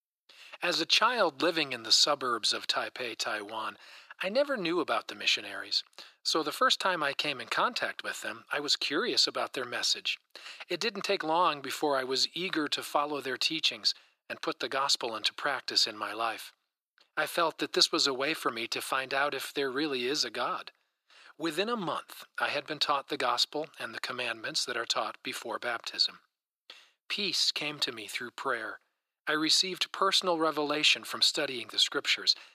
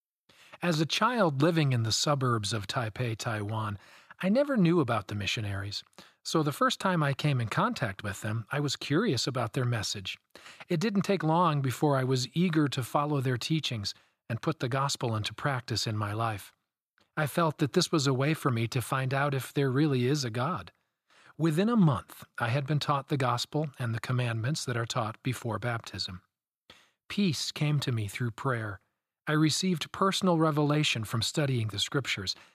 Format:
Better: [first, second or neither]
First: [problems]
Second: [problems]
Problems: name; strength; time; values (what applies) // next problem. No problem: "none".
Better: second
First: thin; very; fading below 350 Hz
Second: none